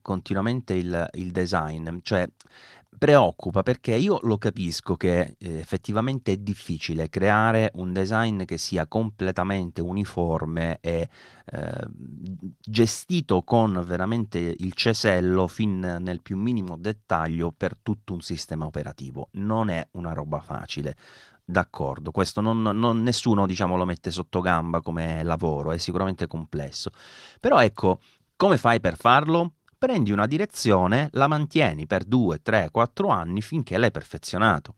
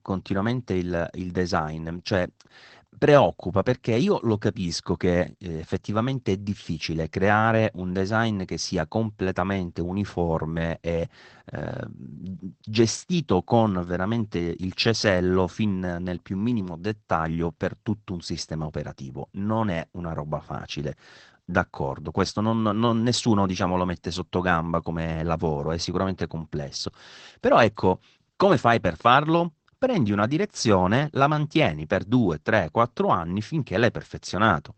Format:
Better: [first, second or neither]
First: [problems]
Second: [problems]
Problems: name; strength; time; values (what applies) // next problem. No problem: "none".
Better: first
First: garbled, watery; slightly; nothing above 16.5 kHz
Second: garbled, watery; badly; nothing above 8 kHz